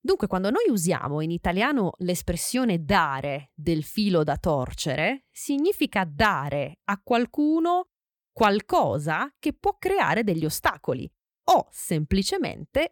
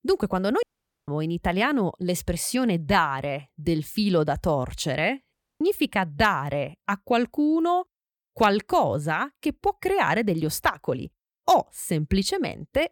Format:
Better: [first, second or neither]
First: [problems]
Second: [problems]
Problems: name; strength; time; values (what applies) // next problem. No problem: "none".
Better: first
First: none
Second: audio cutting out; at 0.5 s and at 5.5 s